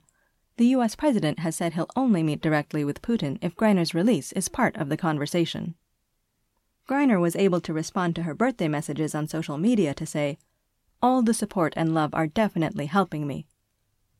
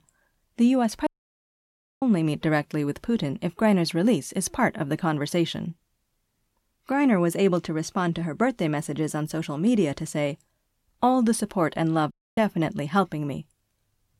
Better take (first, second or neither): first